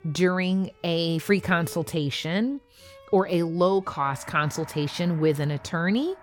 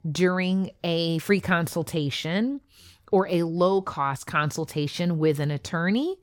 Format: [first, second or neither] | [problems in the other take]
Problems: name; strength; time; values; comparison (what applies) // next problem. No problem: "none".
second | background music; faint; throughout; 20 dB below the speech